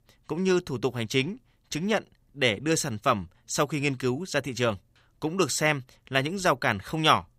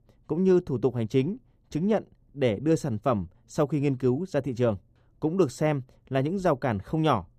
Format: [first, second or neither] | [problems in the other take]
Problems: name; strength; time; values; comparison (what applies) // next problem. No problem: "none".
first | muffled; slightly; fading above 1 kHz